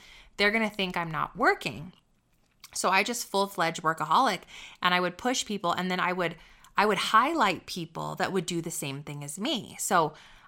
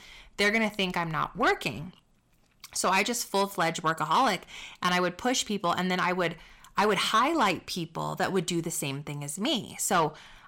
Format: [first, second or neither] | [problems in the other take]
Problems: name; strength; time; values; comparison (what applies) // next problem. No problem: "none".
first | distortion; slight; 10 dB below the speech